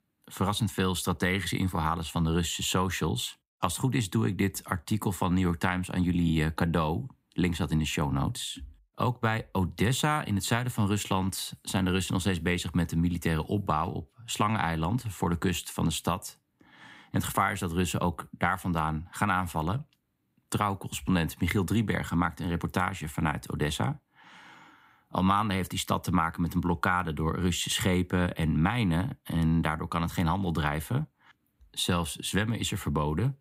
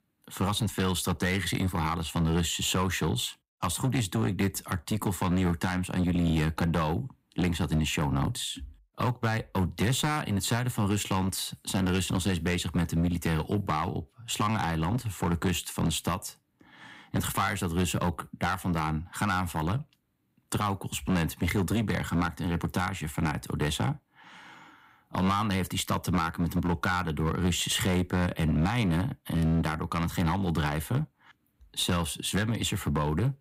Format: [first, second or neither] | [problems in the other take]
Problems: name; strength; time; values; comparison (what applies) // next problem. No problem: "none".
first | distortion; slight; 9% of the sound clipped